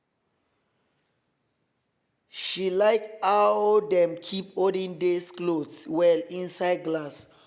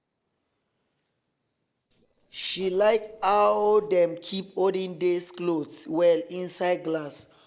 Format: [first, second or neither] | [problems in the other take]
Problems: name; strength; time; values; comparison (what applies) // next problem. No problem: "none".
first | noise reduction (neural separator model SepFormer DNS4)